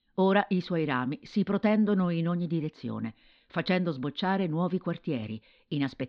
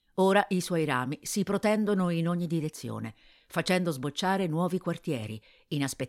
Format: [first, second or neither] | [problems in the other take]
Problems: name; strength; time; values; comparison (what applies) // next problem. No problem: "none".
second | muffled; very slightly; fading above 4 kHz